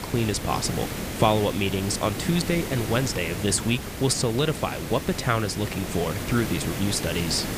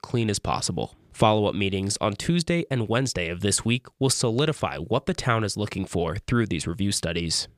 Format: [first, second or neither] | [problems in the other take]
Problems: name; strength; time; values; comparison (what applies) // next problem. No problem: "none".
second | hiss; loud; throughout; 6 dB below the speech